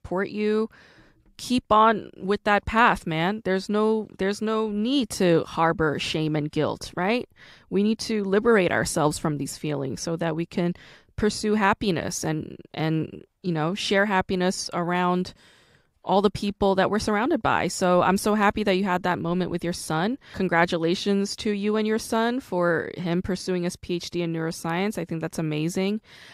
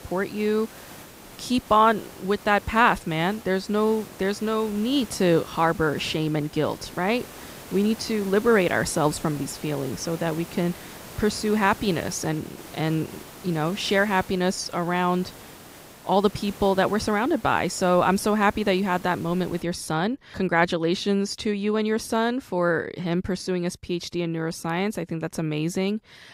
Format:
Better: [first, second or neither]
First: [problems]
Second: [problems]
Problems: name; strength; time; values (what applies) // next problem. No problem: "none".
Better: first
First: none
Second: hiss; noticeable; until 20 s; 20 dB below the speech